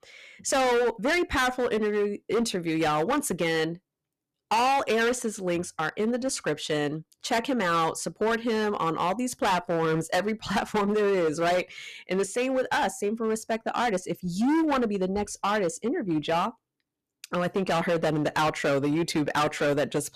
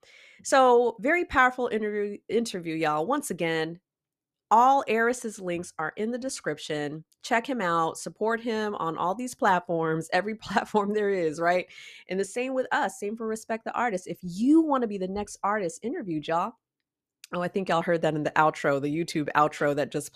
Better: second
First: distortion; heavy; 16% of the sound clipped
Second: none

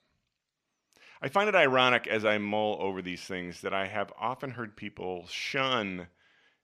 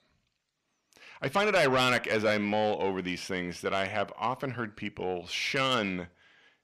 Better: first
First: none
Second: distortion; heavy; 8 dB below the speech

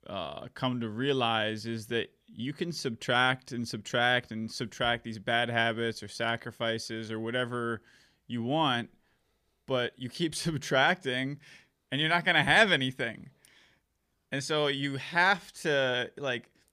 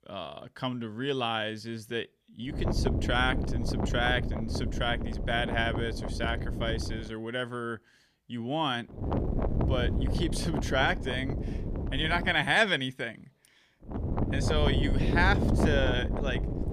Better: first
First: none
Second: wind noise on the microphone; heavy; from 2.5 to 7 s, from 9 to 12 s and from 14 s on; 8 dB below the speech

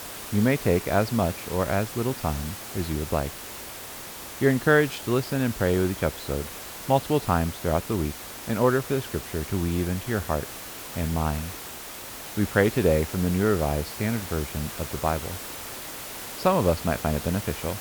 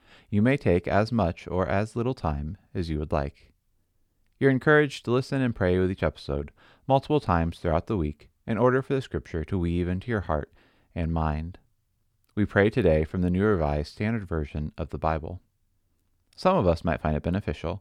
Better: second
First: hiss; loud; throughout; 10 dB below the speech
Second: none

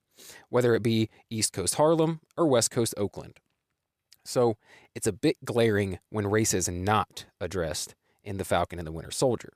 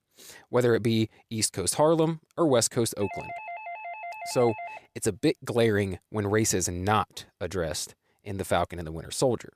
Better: first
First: none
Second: doorbell; faint; from 3 to 5 s; peak 10 dB below the speech

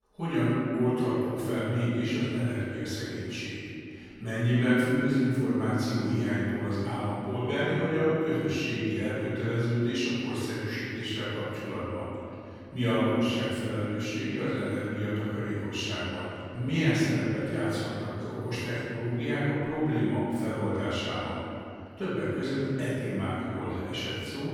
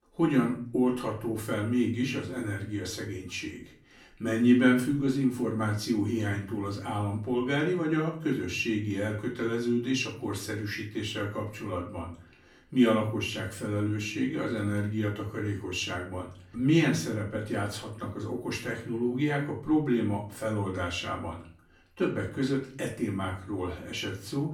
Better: second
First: room echo; strong; dies away in 2.7 s // off-mic speech; far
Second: room echo; slight; dies away in 0.4 s // off-mic speech; far

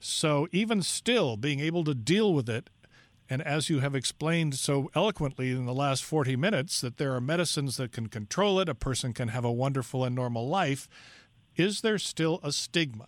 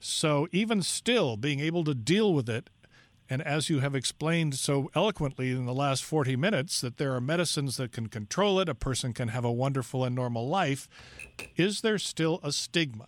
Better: first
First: none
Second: keyboard typing; faint; at 11 s; peak 15 dB below the speech

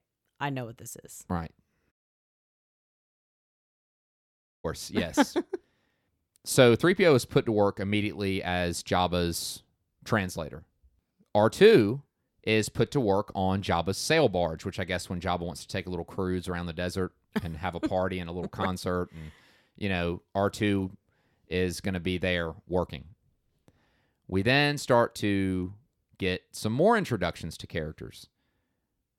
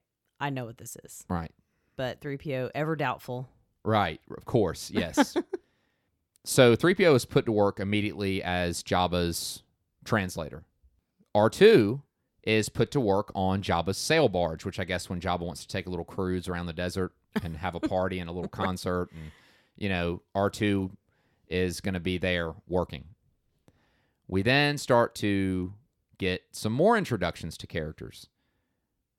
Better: second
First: audio cutting out; at 2 s for 2.5 s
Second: none

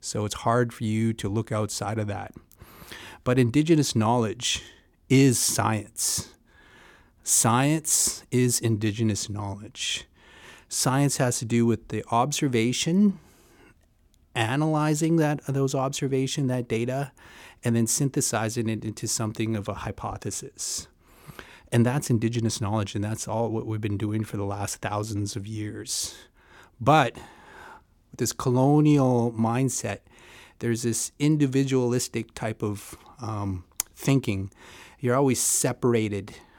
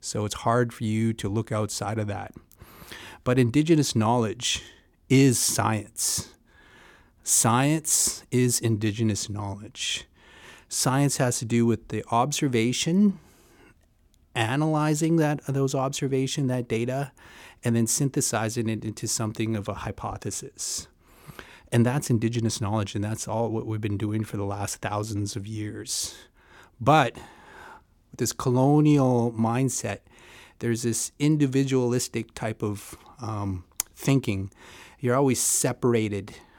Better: neither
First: none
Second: none

